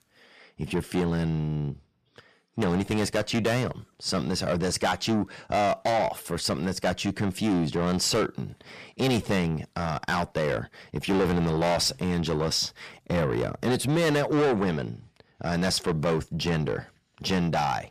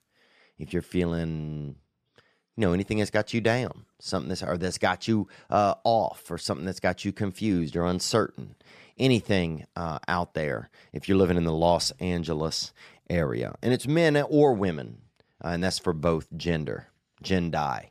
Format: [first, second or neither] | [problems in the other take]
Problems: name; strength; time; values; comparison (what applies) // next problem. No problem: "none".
second | distortion; heavy; 5 dB below the speech